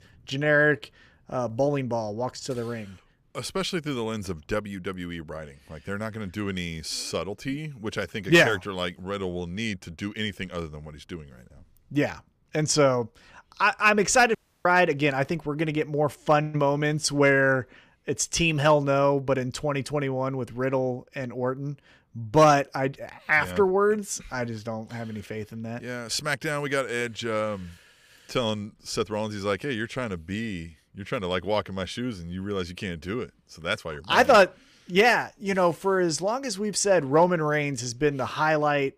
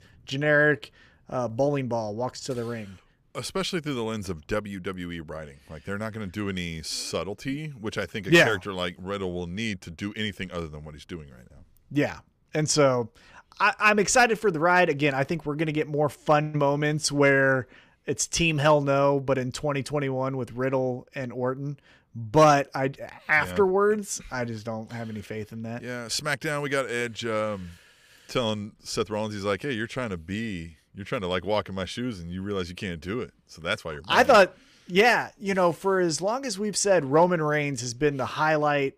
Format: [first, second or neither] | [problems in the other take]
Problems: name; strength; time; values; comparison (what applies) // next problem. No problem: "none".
second | audio cutting out; at 14 s